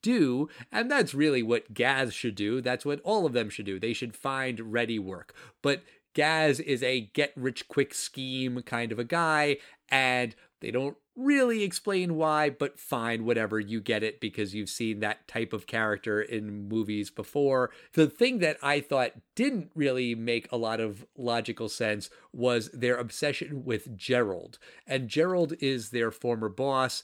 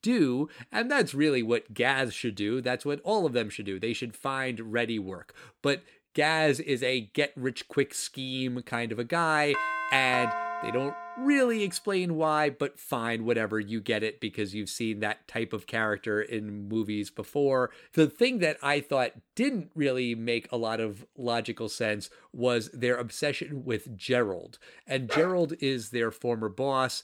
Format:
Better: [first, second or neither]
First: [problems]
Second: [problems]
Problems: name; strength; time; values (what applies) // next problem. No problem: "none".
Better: first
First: none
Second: doorbell; noticeable; from 9.5 to 11 s; peak 1 dB below the speech // dog barking; noticeable; at 25 s; peak 4 dB below the speech